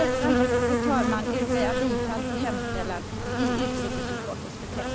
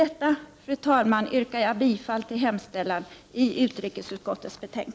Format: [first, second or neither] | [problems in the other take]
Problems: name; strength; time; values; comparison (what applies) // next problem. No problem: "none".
second | background sound (Insect); 4 dB above the speech